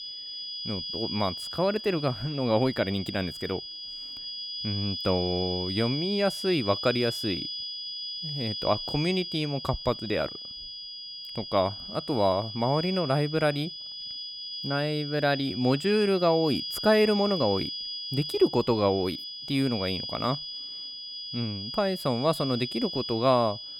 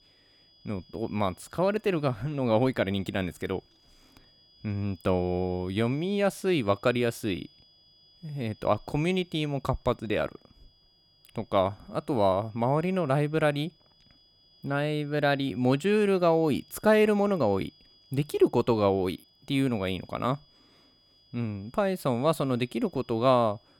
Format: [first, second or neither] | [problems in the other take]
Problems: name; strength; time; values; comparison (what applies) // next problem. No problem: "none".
second | high-pitched whine; loud; throughout; 5 kHz, 6 dB below the speech; faint in the second